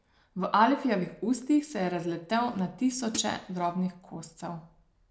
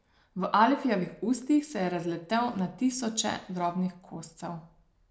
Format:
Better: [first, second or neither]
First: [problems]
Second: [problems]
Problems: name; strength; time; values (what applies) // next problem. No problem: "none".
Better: second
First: background sound (Hi-hat); 11 dB below the speech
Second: none